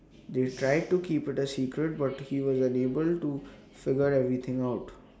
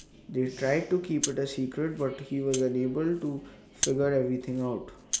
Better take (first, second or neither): first